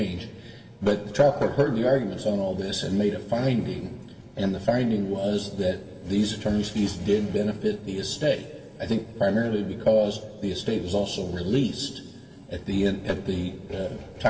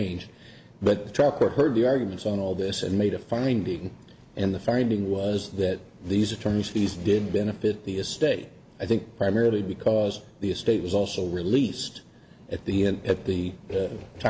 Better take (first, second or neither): second